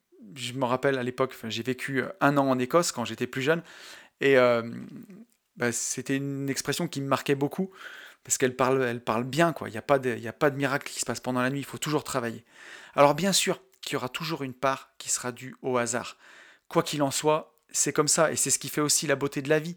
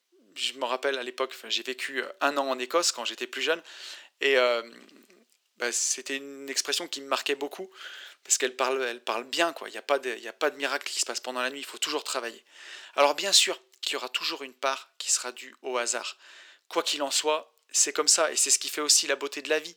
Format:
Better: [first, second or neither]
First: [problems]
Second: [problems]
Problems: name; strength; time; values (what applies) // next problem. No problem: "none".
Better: first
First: none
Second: thin; somewhat; fading below 350 Hz